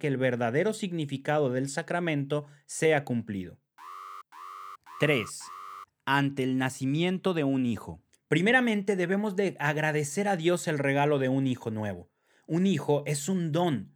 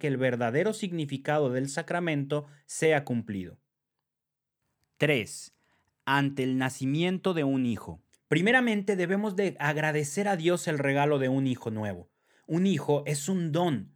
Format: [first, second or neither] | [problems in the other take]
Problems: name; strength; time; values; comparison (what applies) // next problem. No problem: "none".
second | alarm; faint; from 4 to 6 s; peak 15 dB below the speech